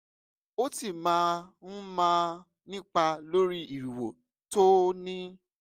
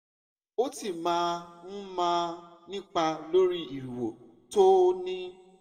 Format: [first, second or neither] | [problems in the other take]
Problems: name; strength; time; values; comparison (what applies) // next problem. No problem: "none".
first | room echo; dies away in 1.3 s